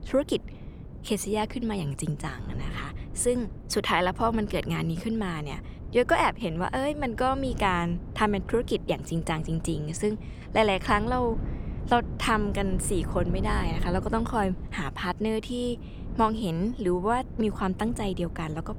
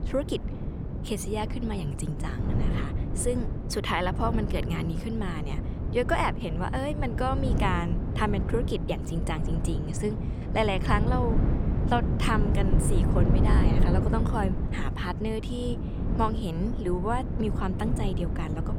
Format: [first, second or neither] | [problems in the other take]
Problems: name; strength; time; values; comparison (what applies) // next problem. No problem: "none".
first | wind noise on the microphone; heavy; 7 dB below the speech; occasional gusts in the first